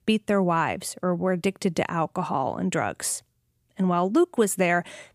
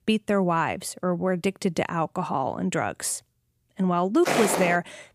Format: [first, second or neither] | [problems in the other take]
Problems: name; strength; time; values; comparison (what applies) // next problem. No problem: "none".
first | footsteps; loud; at 4.5 s; peak 1 dB above the speech